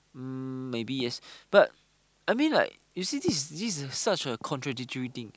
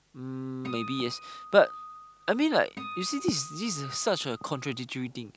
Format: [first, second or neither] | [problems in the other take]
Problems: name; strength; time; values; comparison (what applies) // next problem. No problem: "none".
first | background sound (Acoustic guitar); 13 dB below the speech